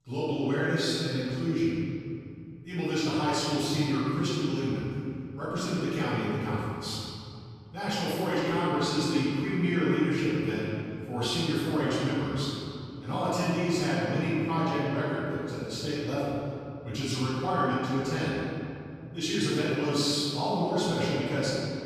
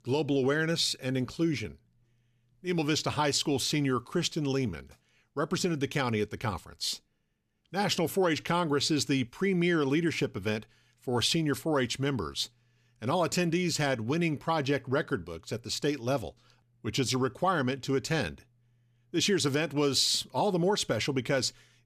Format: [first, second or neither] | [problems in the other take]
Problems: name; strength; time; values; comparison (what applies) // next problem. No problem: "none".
second | off-mic speech; far // room echo; strong; dies away in 2.6 s